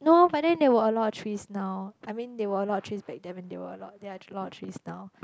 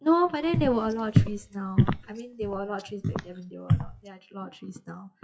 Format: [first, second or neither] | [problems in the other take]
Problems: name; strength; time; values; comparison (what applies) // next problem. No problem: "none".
first | noise reduction (classical method WPE with log-MMSE)